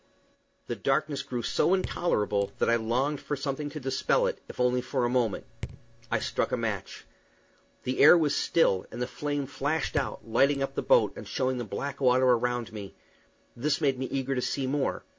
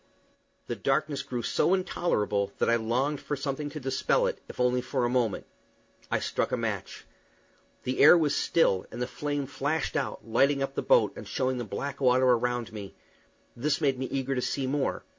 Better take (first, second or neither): second